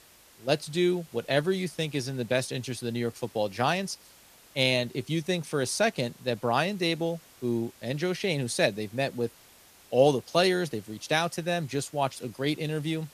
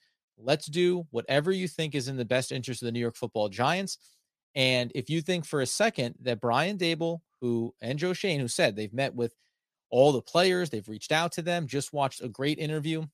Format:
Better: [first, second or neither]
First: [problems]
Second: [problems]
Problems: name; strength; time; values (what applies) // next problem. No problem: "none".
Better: second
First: hiss; faint; throughout; 25 dB below the speech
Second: none